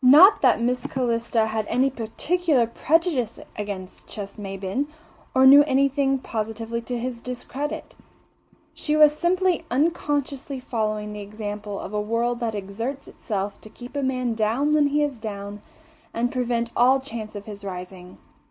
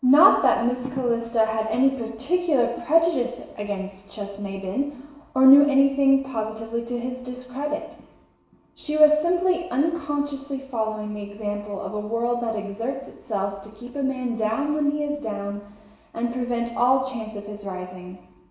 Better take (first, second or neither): first